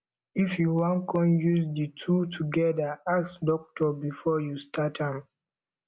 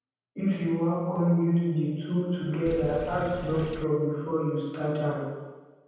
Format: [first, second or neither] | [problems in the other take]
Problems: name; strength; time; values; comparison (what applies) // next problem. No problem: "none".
first | background sound (Sink (filling or washing)); 10 dB below the speech // room echo; dies away in 1.2 s